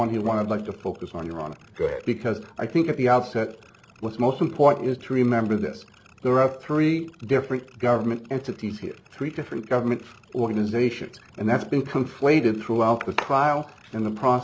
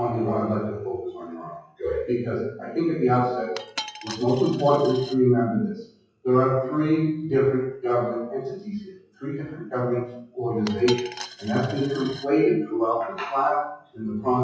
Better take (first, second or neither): first